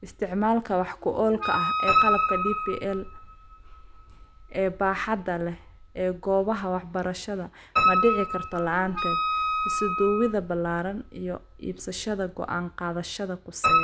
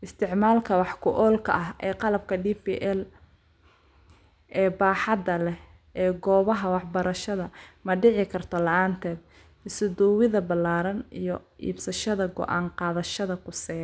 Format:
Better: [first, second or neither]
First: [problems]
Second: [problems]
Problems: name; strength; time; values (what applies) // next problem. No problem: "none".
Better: second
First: background sound (Wind instrument, woodwind instrument + Piano); 1 dB below the speech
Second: none